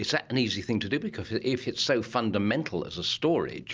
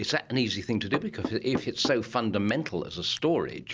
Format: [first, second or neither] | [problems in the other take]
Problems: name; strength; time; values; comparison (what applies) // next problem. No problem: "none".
first | background sound (Knock / Wood); 10 dB below the speech